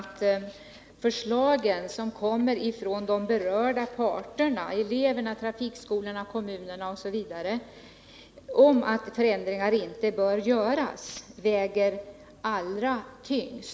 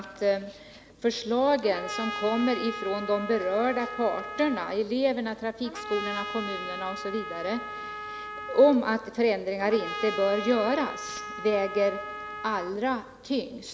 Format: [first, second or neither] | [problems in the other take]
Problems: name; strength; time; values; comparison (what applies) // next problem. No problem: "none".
first | background sound (Trumpet); 9 dB below the speech